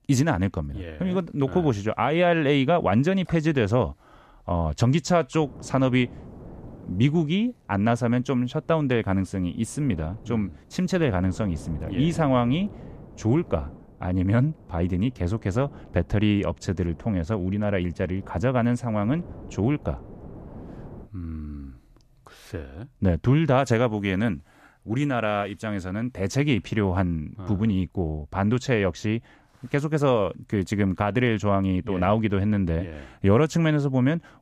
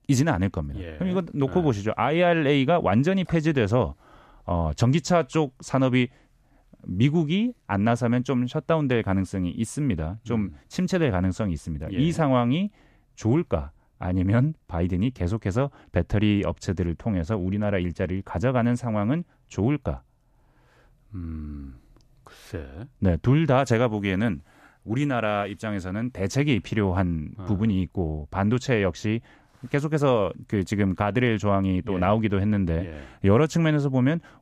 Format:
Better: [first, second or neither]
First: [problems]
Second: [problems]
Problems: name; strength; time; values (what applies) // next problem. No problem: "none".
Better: second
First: wind noise on the microphone; occasional gusts; from 5.5 to 21 s; 20 dB below the speech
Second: none